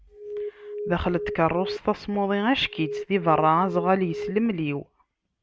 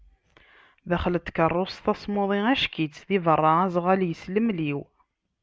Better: second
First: background sound (Alarm); 9 dB below the speech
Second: none

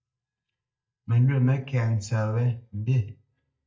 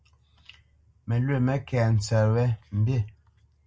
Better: second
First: noise reduction (neural mask model DeepFilterNet 3)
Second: none

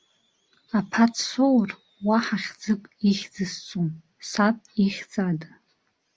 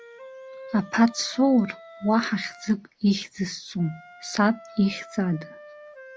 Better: first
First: none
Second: background sound (Wind instrument, woodwind instrument); 20 dB below the speech

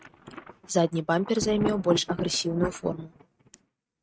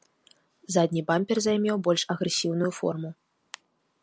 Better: second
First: noise reduction (neural mask model RNNoise)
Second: none

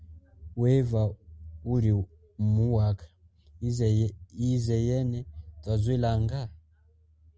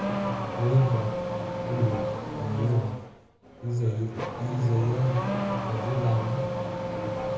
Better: first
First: none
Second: background sound (Accelerating, revving, vroom / Car); 3 dB below the speech // room echo; dies away in 0.6 s

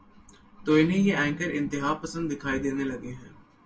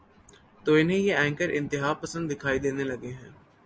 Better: second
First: background sound (Guitar); 16 dB below the speech // room echo; dies away in 0.2 s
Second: none

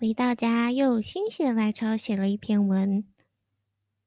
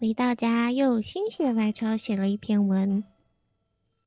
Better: first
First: none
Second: noise reduction (neural separator model SepFormer DNS4)

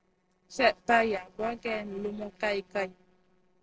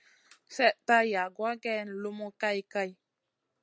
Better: second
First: noise reduction (neural separator model SepFormer DNS4)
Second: none

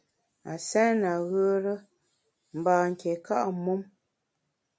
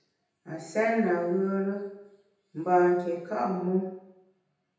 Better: first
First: none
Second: room echo; dies away in 0.9 s

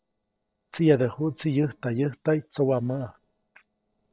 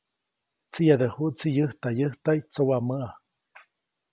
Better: second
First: noise reduction (neural separator model SepFormer DNS4)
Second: none

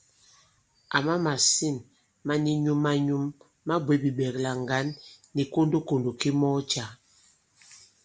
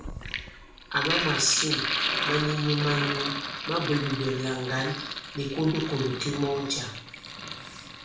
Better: first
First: none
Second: background sound (Sink (filling or washing)); 3 dB below the speech // room echo; dies away in 0.5 s

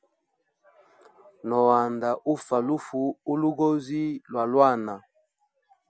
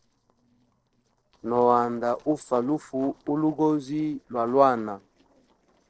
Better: first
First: none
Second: noise reduction (neural separator model SepFormer DNS4)

